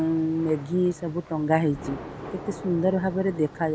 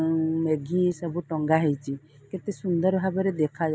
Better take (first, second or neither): second